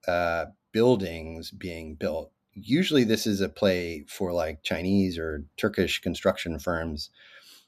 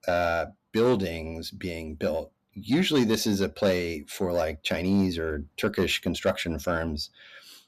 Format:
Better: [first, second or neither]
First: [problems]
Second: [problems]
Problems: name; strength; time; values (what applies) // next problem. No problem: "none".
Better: first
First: none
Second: distortion; slight; 10 dB below the speech